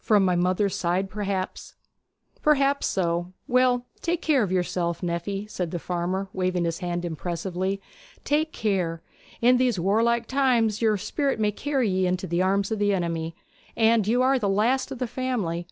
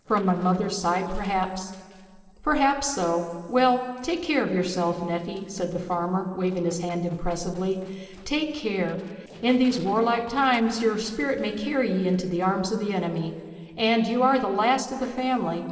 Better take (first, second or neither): first